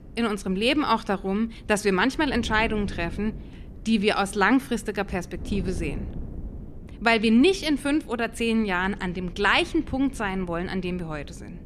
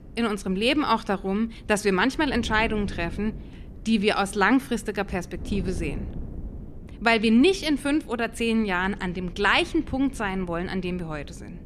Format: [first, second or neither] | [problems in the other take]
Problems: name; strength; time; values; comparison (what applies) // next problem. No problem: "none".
neither | wind noise on the microphone; occasional gusts; 25 dB below the speech; the same in both